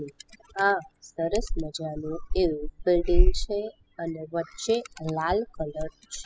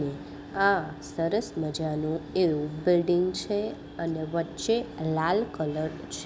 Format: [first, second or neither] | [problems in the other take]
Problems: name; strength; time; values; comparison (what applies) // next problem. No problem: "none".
second | noise reduction (classical method spectral subtraction)